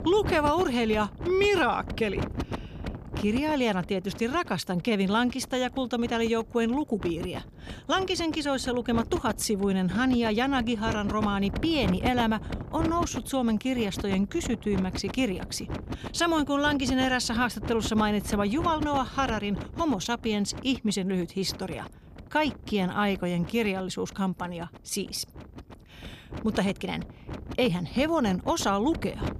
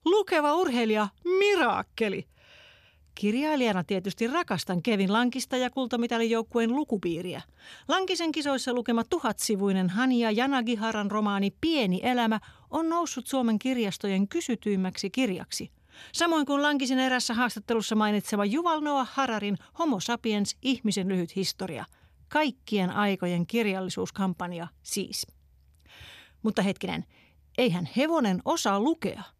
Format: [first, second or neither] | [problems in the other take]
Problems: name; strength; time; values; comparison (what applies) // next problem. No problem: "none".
second | wind noise on the microphone; occasional gusts; 15 dB below the speech